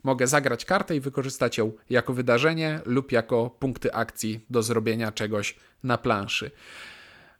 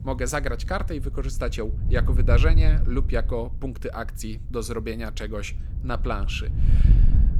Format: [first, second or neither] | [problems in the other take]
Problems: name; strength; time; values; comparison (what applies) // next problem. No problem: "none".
first | wind noise on the microphone; occasional gusts; 10 dB below the speech